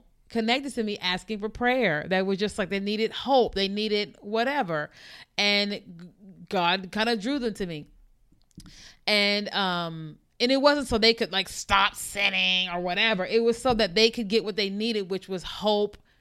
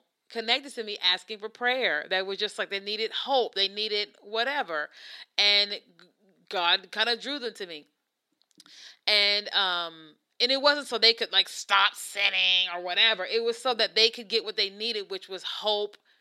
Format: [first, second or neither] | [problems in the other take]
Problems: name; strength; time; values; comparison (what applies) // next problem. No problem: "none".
first | thin; somewhat; fading below 350 Hz